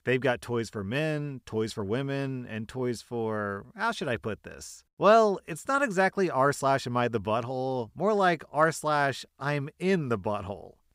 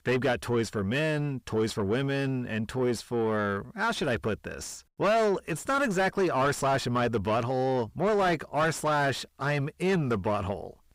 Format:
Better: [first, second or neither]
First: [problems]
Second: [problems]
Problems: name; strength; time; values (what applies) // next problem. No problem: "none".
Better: first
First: none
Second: distortion; heavy; 6 dB below the speech